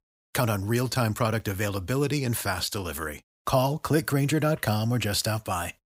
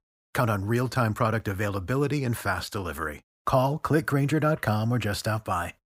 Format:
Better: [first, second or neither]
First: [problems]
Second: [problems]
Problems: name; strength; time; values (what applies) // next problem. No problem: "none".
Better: first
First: none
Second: muffled; slightly; fading above 2.5 kHz